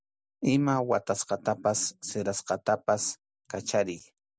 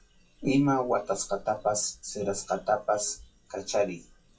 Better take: first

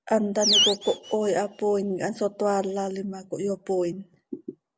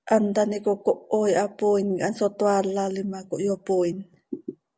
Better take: second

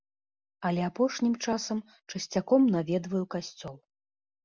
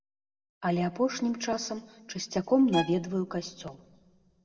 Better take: first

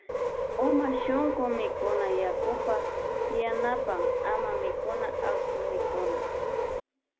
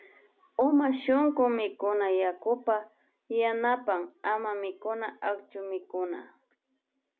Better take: second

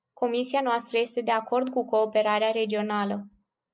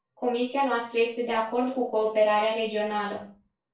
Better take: first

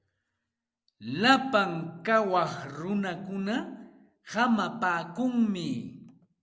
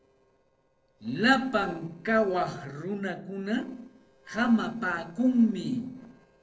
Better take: first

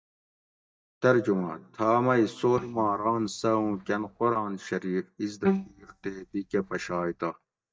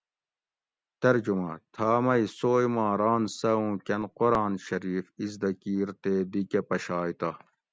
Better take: second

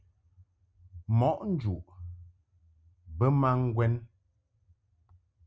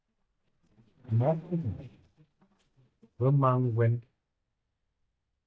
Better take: first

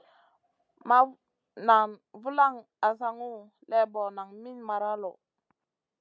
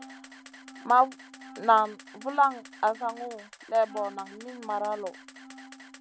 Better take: first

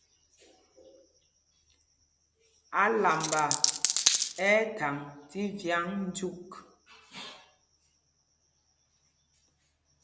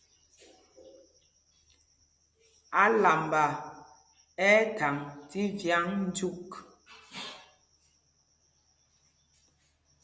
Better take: second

